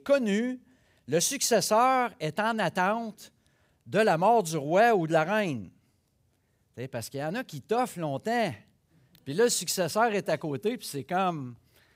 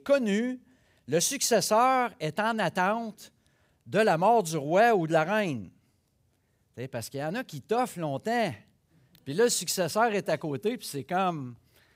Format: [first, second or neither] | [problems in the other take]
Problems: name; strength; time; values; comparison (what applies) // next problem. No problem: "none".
neither | none